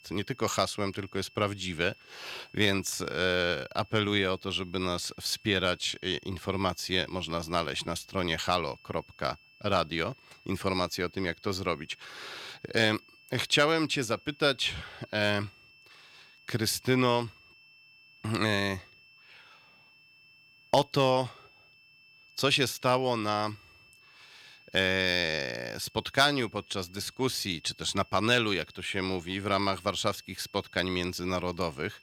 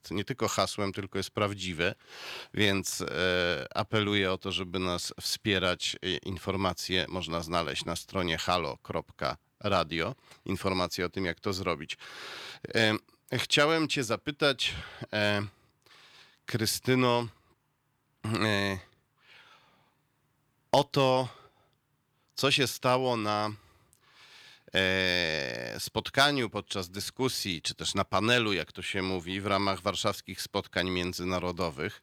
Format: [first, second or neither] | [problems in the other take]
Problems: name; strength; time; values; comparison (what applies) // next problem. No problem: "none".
second | high-pitched whine; faint; throughout; 2.5 kHz, 25 dB below the speech